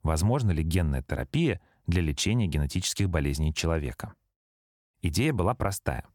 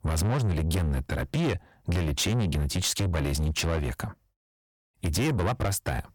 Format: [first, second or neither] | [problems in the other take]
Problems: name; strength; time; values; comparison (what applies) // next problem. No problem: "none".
first | distortion; heavy; 6 dB below the speech